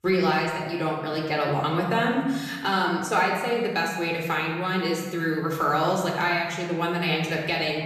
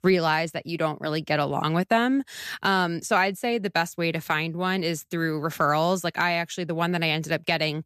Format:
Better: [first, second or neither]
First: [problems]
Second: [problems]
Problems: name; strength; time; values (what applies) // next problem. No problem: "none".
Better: second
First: off-mic speech; somewhat distant // room echo; noticeable; dies away in 1.2 s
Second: none